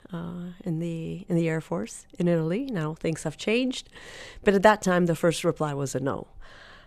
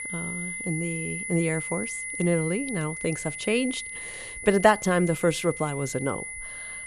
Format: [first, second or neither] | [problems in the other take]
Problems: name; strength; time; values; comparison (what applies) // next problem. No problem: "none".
first | high-pitched whine; loud; throughout; 2 kHz, 6 dB below the speech